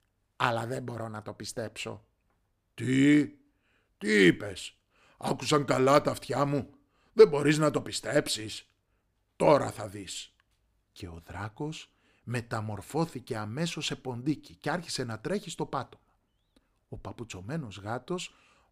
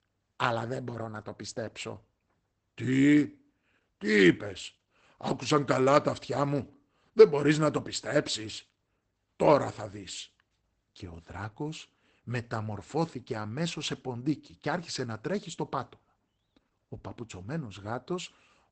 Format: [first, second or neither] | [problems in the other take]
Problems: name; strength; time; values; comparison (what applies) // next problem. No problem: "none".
first | garbled, watery; badly; nothing above 8 kHz